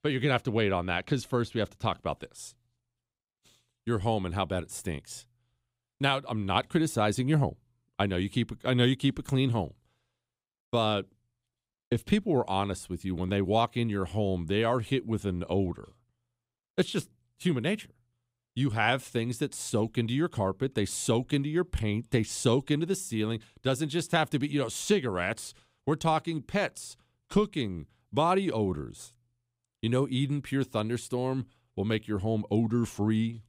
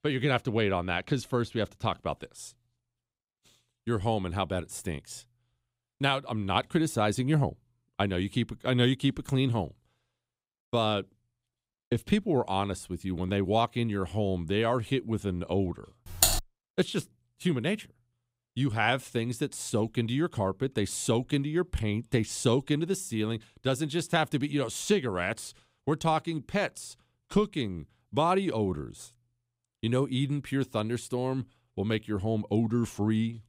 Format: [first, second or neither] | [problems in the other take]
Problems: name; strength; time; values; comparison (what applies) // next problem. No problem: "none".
first | keyboard typing; loud; at 16 s; peak 5 dB above the speech